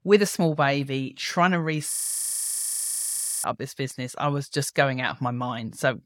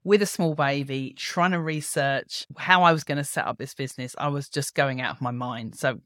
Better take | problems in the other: second | audio freezing; at 2 s for 1.5 s

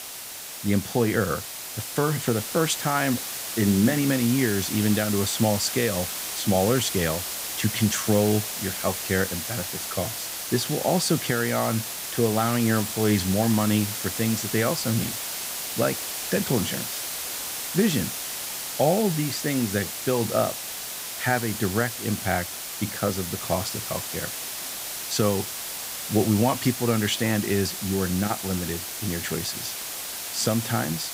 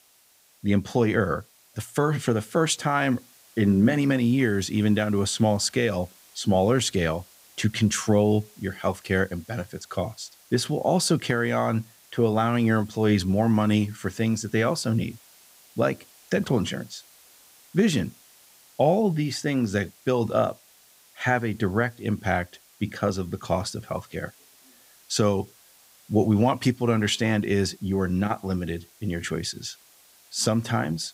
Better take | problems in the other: second | hiss; loud; throughout; 4 dB below the speech; faint in the second

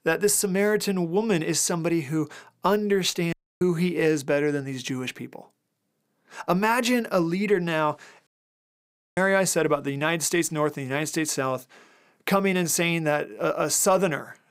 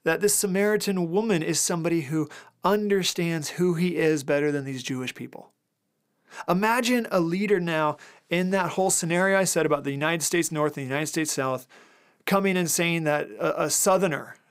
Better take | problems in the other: second | audio cutting out; at 3.5 s and at 8.5 s for 1 s

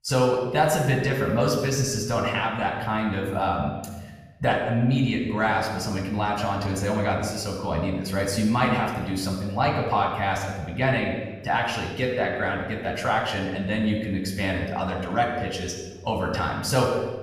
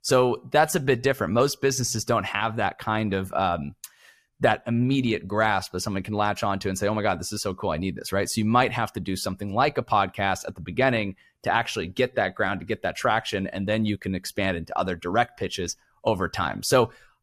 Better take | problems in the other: second | off-mic speech; somewhat distant // room echo; noticeable; dies away in 1.1 s

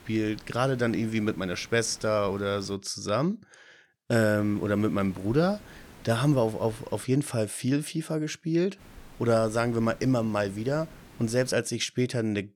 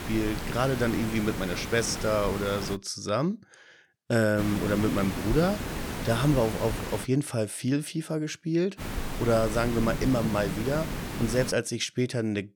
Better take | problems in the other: first | hiss; loud; until 3 s, from 4.5 to 7 s and from 9 to 12 s; 6 dB below the speech; faint in the first

